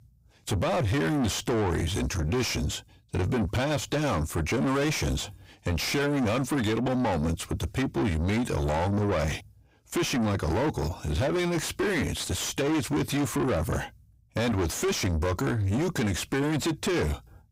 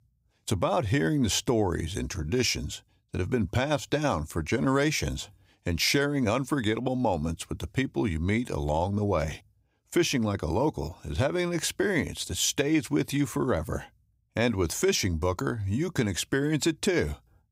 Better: second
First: distortion; heavy; 6 dB below the speech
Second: none

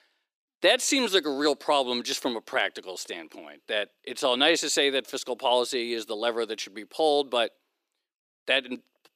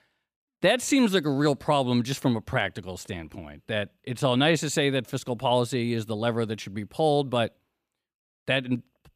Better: second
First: thin; somewhat; fading below 350 Hz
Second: none

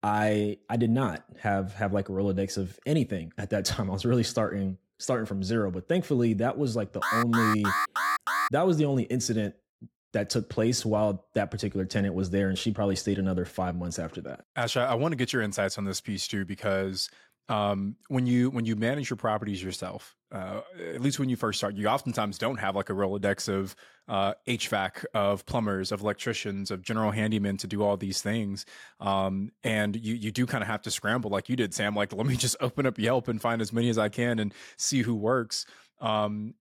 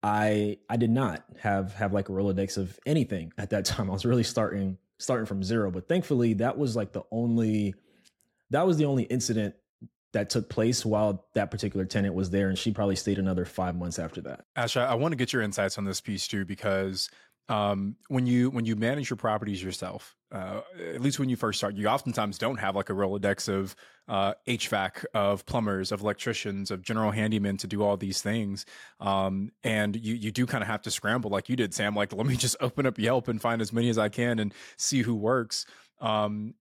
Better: second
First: alarm; loud; from 7 to 8.5 s; peak 2 dB above the speech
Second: none

